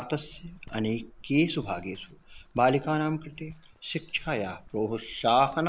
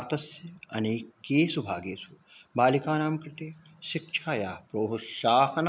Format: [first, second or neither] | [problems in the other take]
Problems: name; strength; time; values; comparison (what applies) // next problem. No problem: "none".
second | noise reduction (neural mask model Resemble Enhance denoiser)